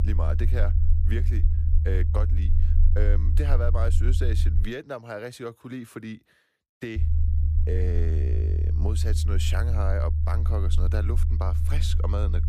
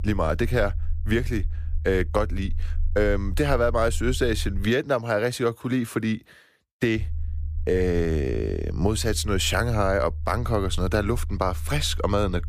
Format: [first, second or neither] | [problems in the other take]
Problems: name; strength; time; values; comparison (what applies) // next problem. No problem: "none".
second | low rumble; loud; until 4.5 s and from 7 s on; 6 dB below the speech; faint in the second